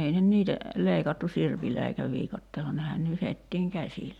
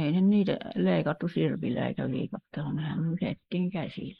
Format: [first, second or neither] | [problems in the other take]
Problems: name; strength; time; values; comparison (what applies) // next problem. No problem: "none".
first | noise reduction (neural mask model Resemble Enhance denoiser)